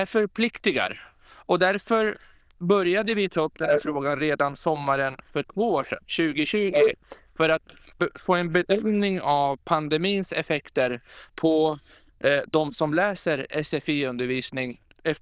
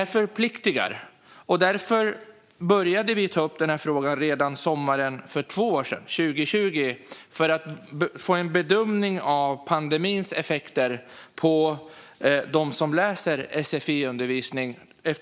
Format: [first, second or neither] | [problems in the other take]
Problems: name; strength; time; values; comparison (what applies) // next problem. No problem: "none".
second | noise reduction (neural diffusion model UNIVERSE++)